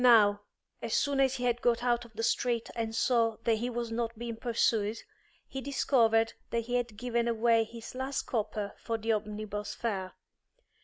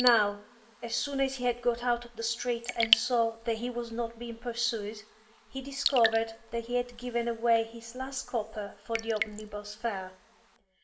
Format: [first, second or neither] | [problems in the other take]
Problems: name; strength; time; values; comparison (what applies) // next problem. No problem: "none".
first | background sound (Raindrop / Drip); 8 dB below the speech // room echo; dies away in 0.7 s